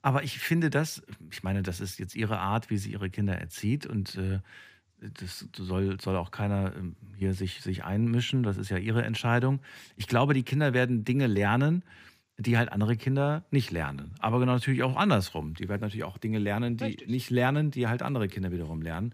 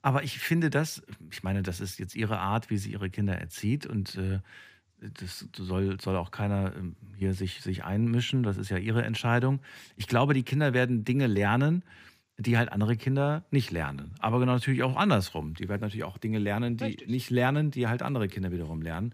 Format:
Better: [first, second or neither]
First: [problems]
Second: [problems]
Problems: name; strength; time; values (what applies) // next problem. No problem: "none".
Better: neither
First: none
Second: none